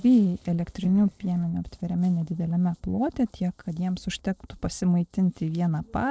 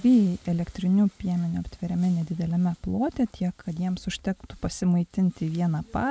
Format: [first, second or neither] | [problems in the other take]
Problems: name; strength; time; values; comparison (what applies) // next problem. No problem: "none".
second | noise reduction (neural separator model SepFormer DNS4)